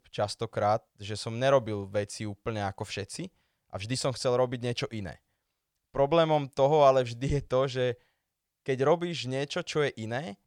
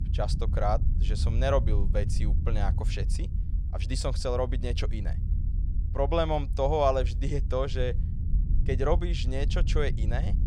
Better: first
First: none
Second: low rumble; noticeable; throughout; 15 dB below the speech

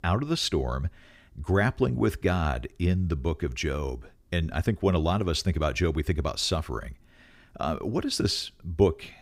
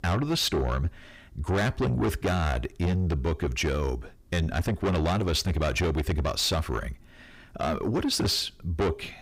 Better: first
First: none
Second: distortion; heavy; 6 dB below the speech

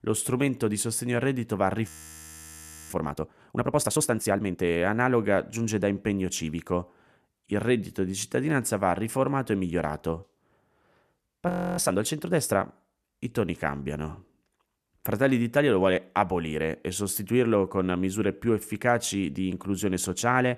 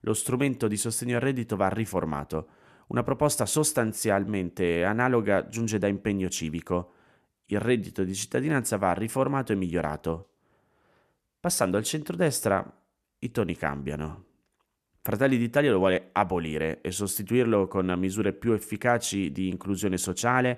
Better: second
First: audio freezing; at 2 s for 1 s and at 11 s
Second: none

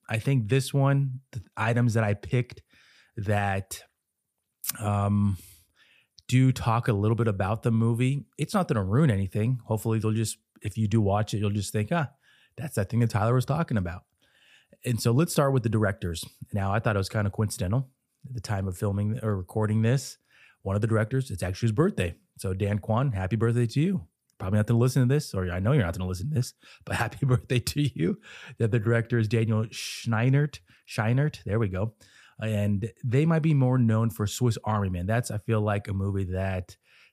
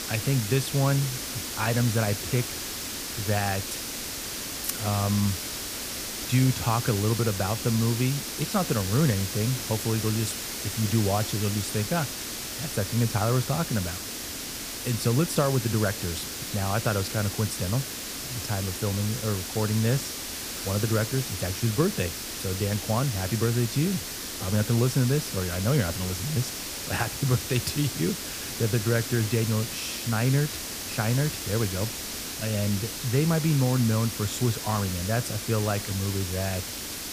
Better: first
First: none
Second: hiss; loud; throughout; 4 dB below the speech

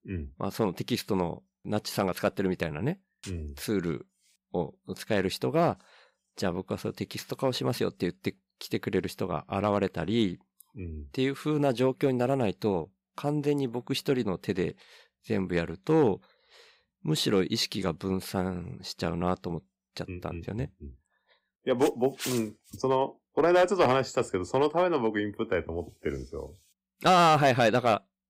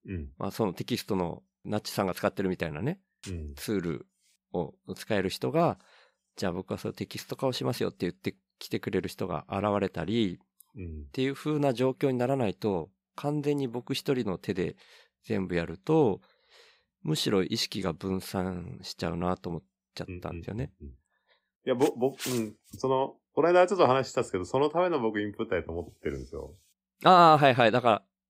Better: second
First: distortion; slight; 1.2% of the sound clipped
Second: none

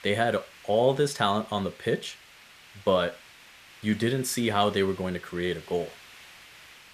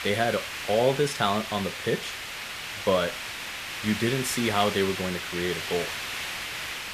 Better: first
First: hiss; faint; throughout; 20 dB below the speech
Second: hiss; loud; throughout; 5 dB below the speech

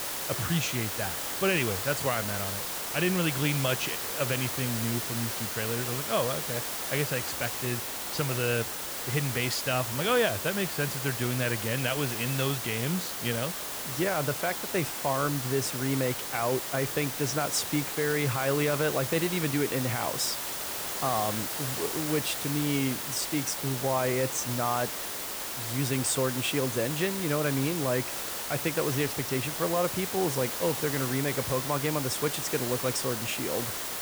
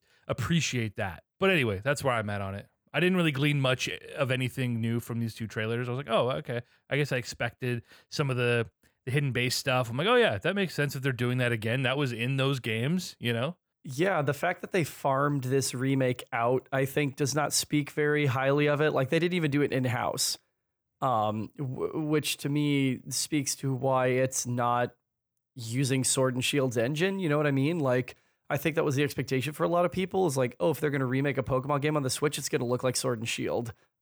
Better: second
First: hiss; loud; throughout; 2 dB below the speech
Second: none

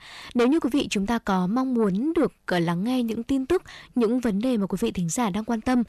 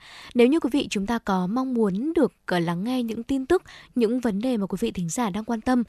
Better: second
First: distortion; slight; 10 dB below the speech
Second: none

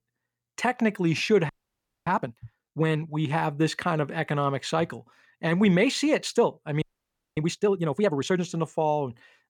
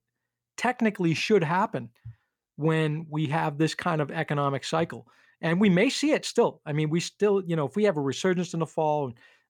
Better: second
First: audio freezing; at 1.5 s for 0.5 s and at 7 s for 0.5 s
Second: none

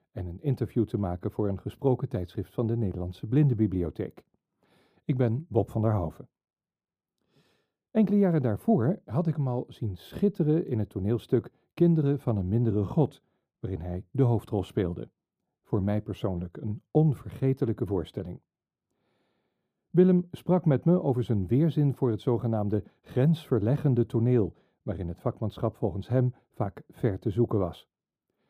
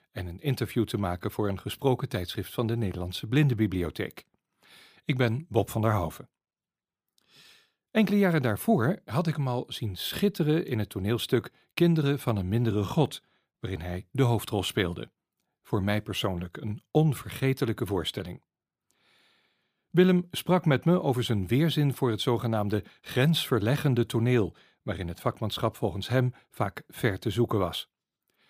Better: second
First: muffled; slightly; fading above 1 kHz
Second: none

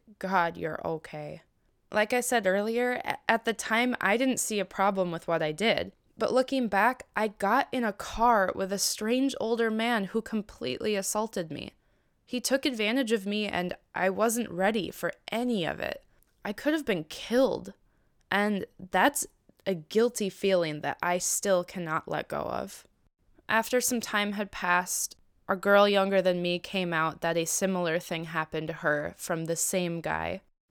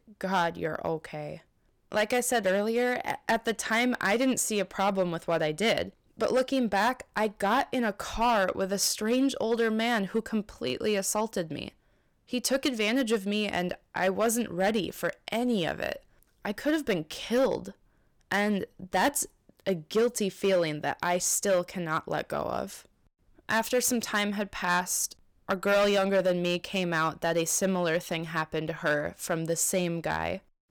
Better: first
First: none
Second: distortion; slight; 4% of the sound clipped

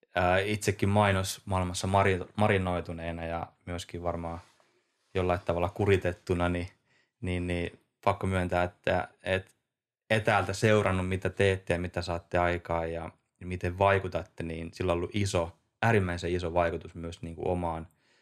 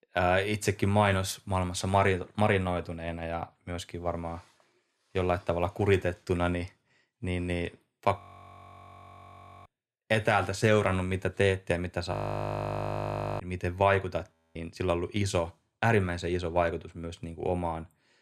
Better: first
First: none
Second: audio freezing; at 8 s for 1.5 s, at 12 s for 1.5 s and at 14 s

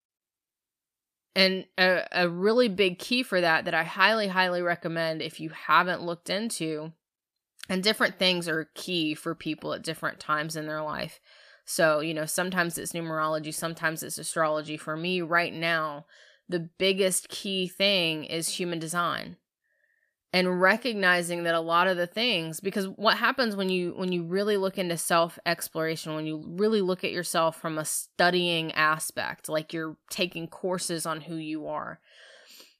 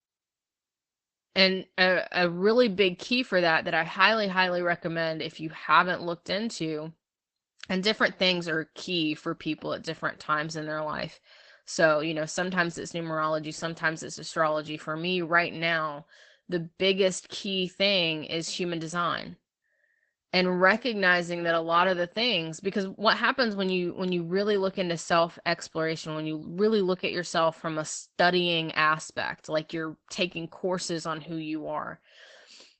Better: first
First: none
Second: garbled, watery; badly; nothing above 8 kHz

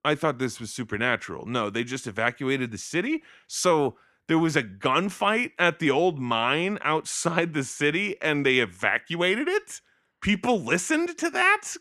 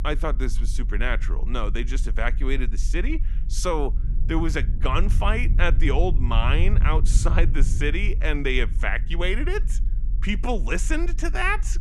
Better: first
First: none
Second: low rumble; noticeable; throughout; 15 dB below the speech

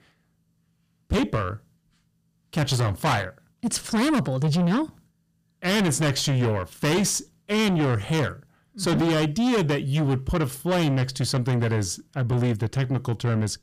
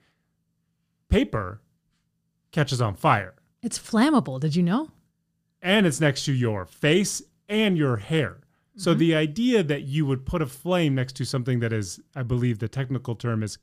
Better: second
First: distortion; heavy; 7 dB below the speech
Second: none

